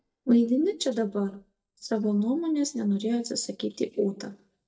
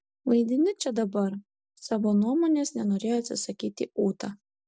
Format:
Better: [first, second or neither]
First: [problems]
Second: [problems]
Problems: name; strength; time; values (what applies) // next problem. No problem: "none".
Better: second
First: noise reduction (neural mask model DeepFilterNet 3)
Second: none